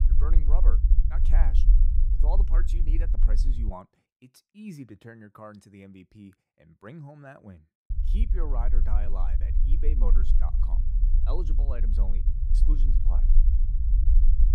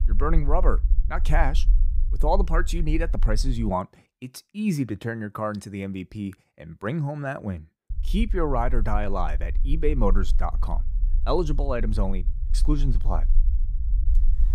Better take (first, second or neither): second